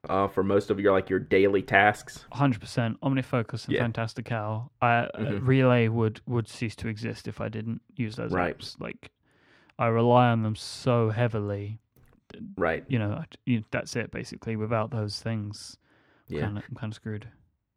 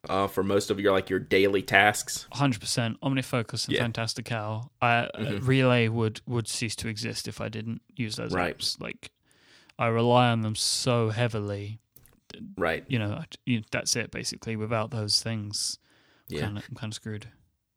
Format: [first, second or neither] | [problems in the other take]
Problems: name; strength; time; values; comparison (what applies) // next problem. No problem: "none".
second | muffled; slightly; fading above 3 kHz